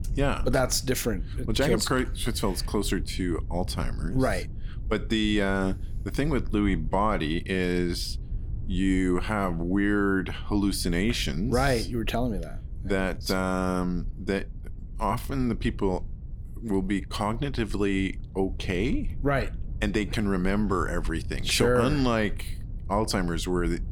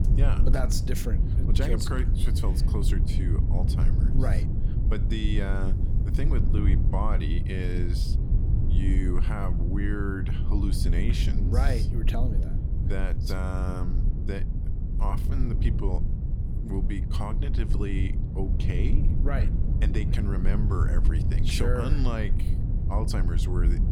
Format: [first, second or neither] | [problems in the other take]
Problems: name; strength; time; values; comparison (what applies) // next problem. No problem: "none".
first | low rumble; loud; throughout; 5 dB below the speech; faint in the first